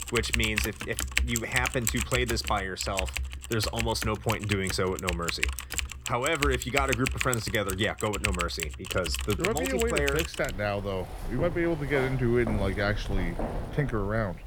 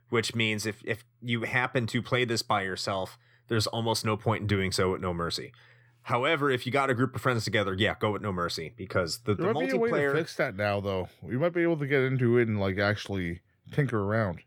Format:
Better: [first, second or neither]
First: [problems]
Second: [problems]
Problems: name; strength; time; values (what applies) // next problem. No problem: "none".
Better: second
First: household noises; loud; throughout; 3 dB below the speech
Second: none